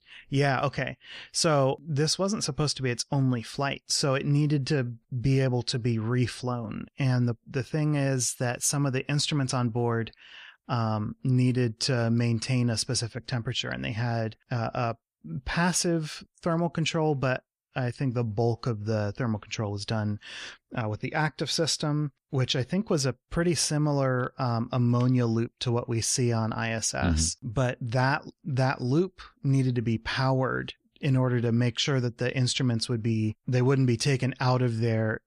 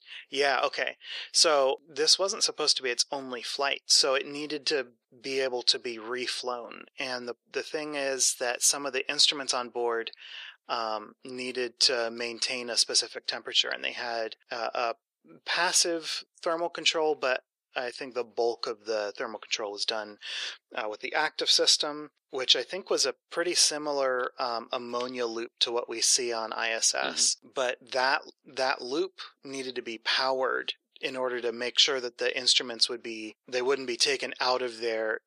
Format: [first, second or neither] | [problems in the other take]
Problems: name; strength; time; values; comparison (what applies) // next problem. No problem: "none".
first | thin; very; fading below 400 Hz